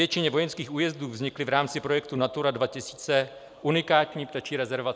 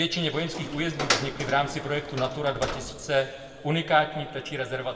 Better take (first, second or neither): first